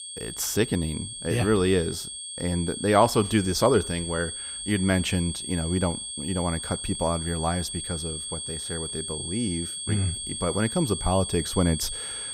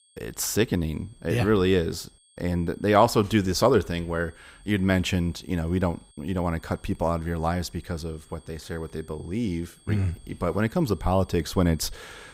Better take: second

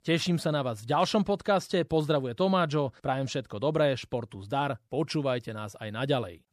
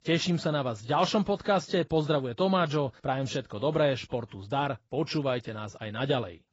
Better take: first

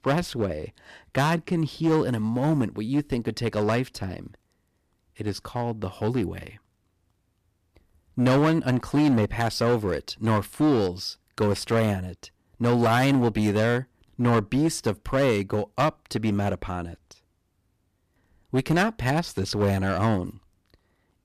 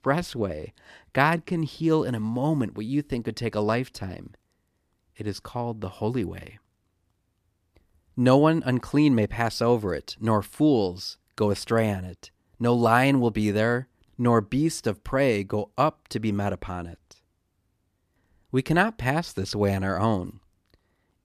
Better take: second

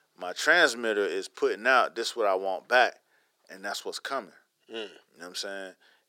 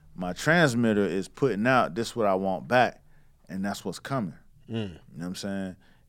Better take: second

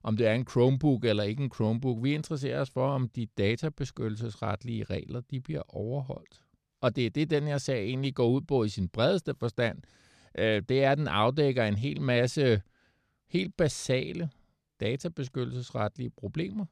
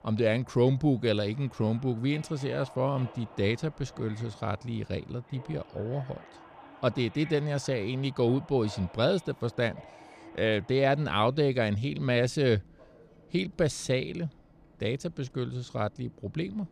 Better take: first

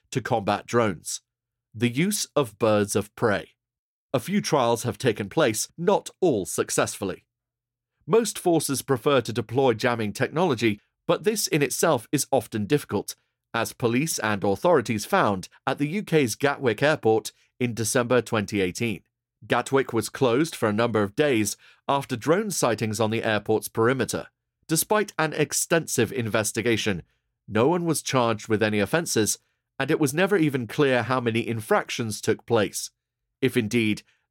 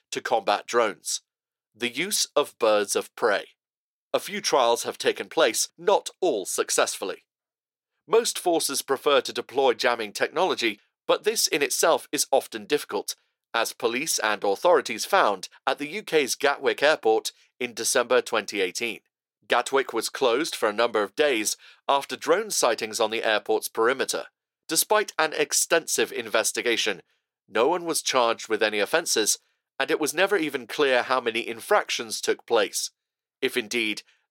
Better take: first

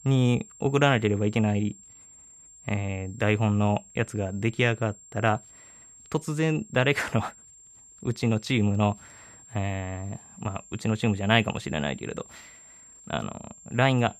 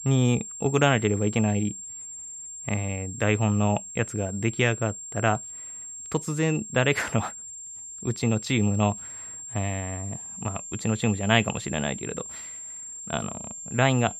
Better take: first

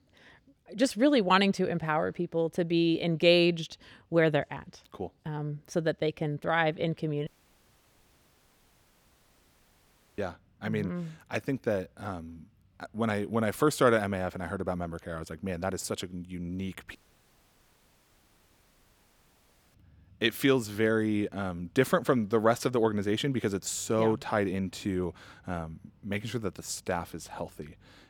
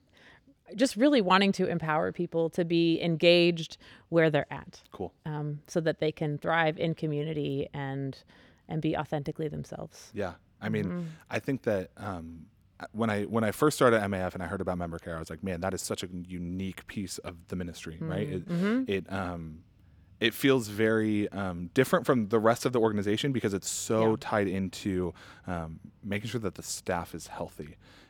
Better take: second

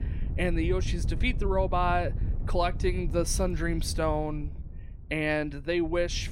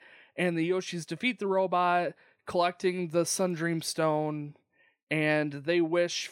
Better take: second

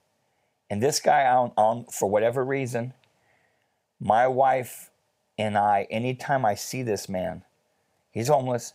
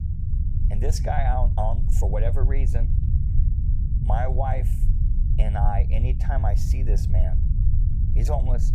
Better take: first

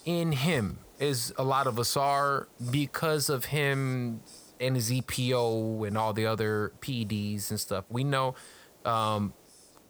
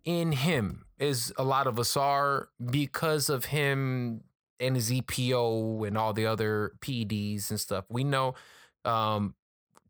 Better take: second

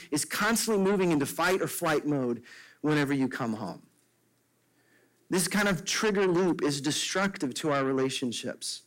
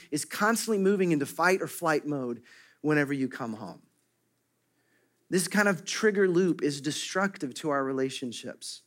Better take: second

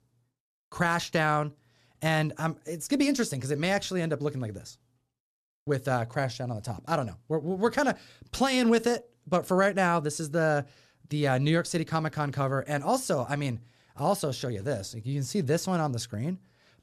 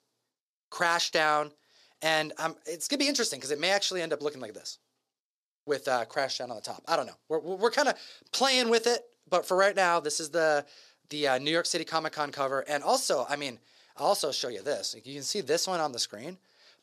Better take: first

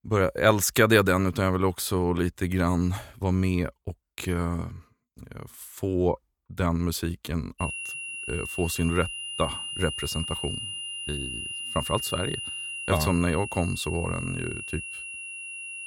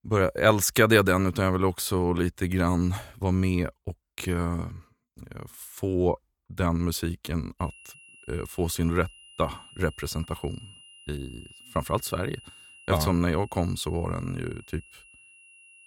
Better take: second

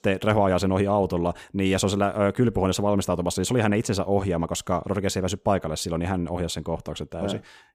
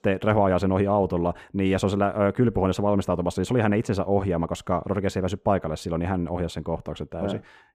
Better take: first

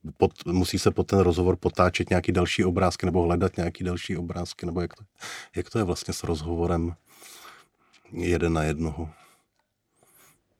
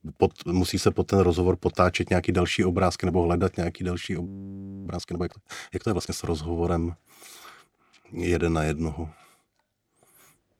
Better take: first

